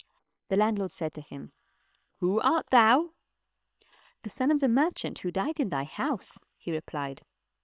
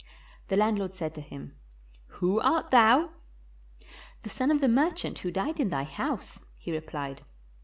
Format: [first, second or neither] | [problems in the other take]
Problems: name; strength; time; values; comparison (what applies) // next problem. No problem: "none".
second | noise reduction (neural separator model SepFormer WHAM!)